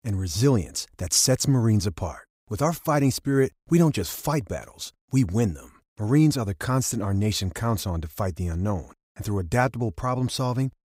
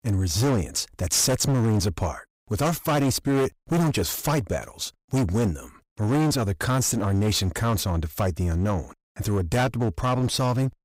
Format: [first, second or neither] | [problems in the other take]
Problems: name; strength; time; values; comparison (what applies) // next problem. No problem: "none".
first | distortion; heavy; 18% of the sound clipped